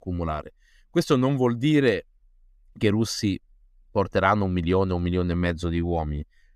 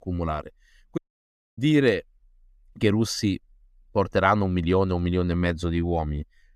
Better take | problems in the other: first | audio cutting out; at 1 s for 0.5 s

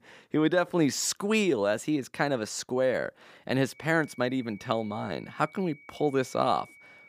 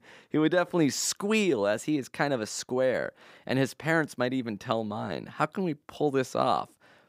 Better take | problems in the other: second | high-pitched whine; faint; from 4 s on; 2.5 kHz, 25 dB below the speech

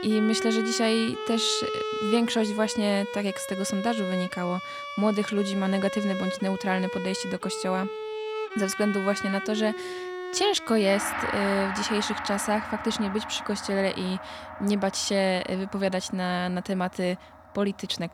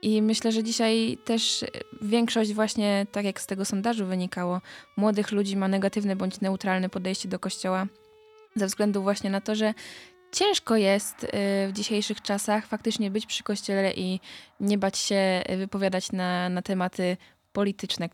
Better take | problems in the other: second | background music; loud; throughout; 6 dB below the speech; faint in the second

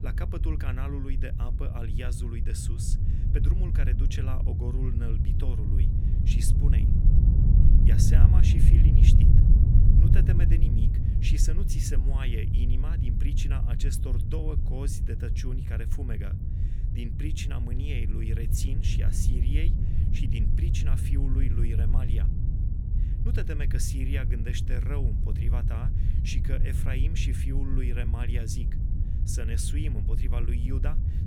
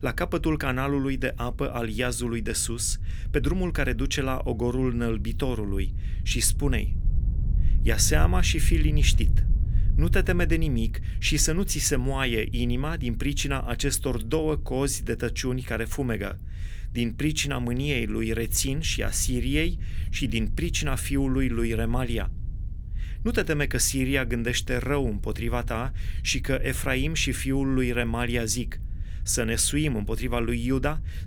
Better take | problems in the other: second | low rumble; loud; throughout; as loud as the speech; faint in the second

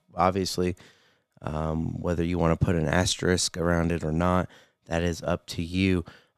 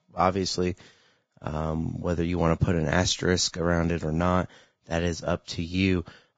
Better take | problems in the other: first | garbled, watery; badly; nothing above 7.5 kHz

